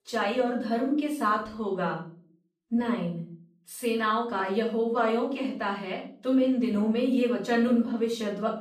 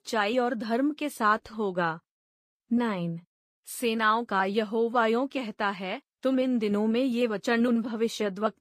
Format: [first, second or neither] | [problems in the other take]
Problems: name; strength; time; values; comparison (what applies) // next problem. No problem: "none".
second | off-mic speech; far // room echo; noticeable; dies away in 0.4 s